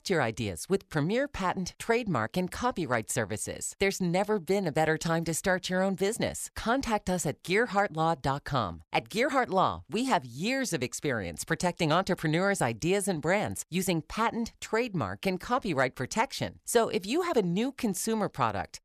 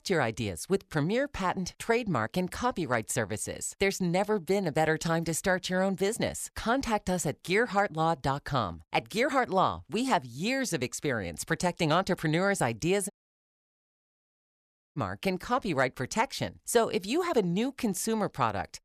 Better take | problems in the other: first | audio cutting out; at 13 s for 2 s

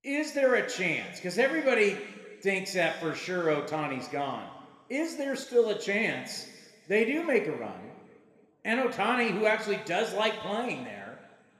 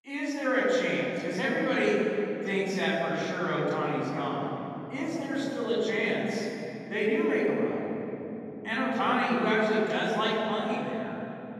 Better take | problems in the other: first | room echo; strong; dies away in 3 s; slight in the first // off-mic speech; far

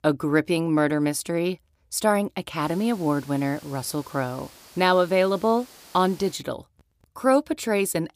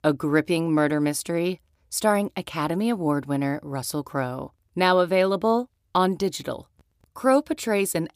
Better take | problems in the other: second | hiss; faint; from 2.5 to 6.5 s; 25 dB below the speech

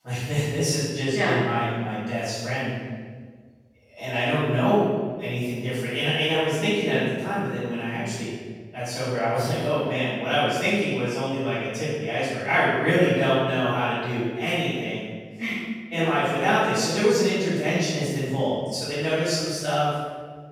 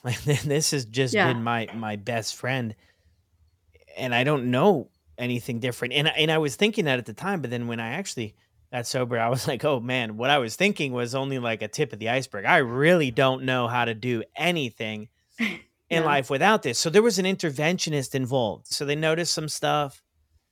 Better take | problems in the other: second | off-mic speech; far // room echo; strong; dies away in 1.3 s

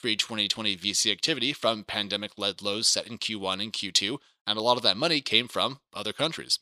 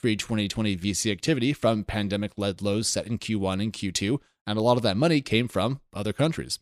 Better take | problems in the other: second | thin; somewhat; fading below 550 Hz

